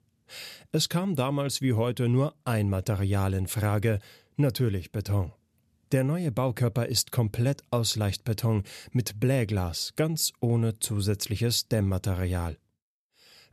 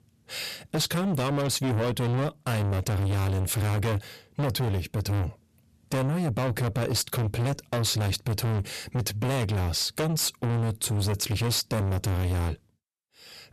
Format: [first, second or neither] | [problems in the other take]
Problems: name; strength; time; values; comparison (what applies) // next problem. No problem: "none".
first | distortion; heavy; 6 dB below the speech